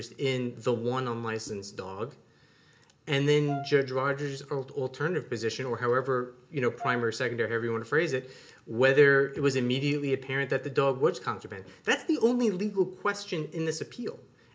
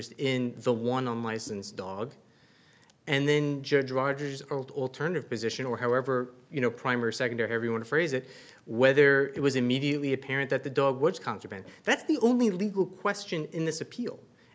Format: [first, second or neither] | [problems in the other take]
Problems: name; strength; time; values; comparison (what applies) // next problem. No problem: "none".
second | background sound (Brass instrument); 15 dB below the speech // room echo; dies away in 0.4 s